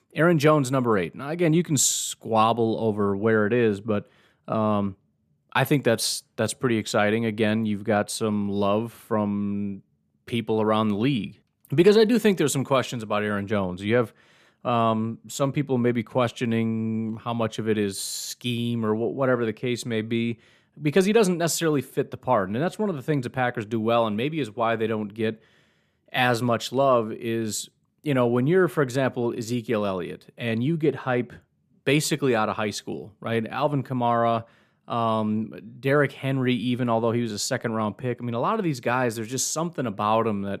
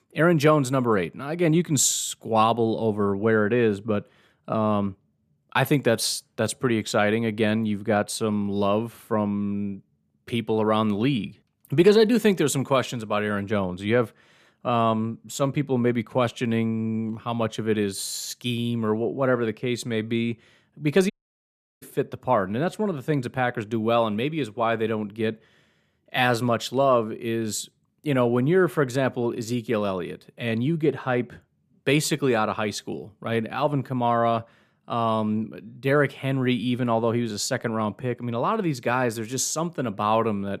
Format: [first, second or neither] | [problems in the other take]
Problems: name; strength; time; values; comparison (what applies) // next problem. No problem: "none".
first | audio cutting out; at 21 s for 0.5 s